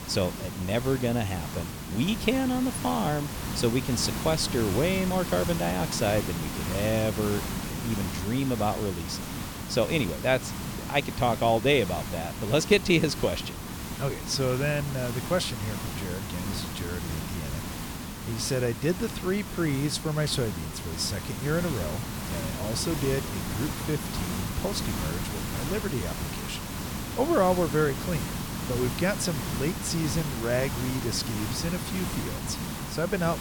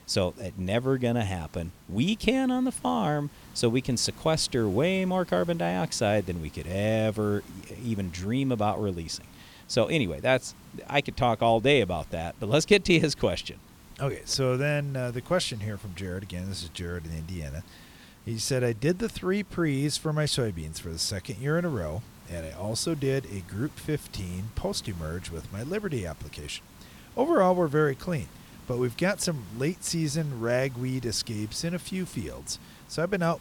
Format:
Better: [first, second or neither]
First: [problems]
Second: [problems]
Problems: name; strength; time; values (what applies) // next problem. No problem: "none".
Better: second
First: hiss; loud; throughout; 5 dB below the speech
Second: hiss; faint; throughout; 20 dB below the speech